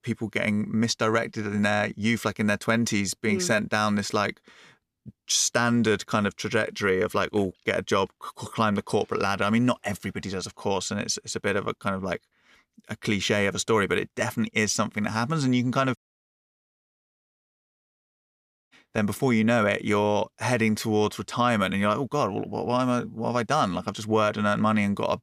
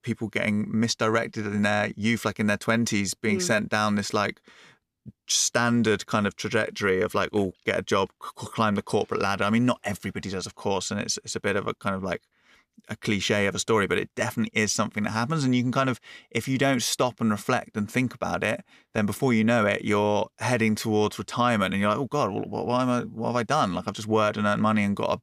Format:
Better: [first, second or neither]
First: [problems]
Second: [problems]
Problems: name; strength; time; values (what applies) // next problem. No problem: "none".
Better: second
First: audio cutting out; at 16 s for 3 s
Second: none